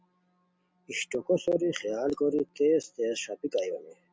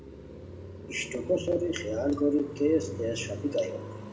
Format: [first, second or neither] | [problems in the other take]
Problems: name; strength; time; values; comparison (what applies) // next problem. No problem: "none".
first | background sound (Car passing by); 10 dB below the speech // room echo; dies away in 0.6 s